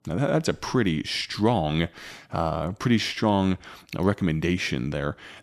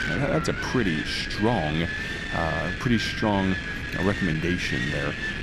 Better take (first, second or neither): first